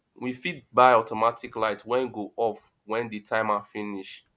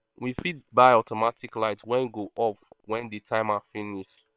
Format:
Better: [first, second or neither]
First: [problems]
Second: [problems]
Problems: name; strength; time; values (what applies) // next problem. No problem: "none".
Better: first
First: none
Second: noise reduction (neural separator model SepFormer WHAM!)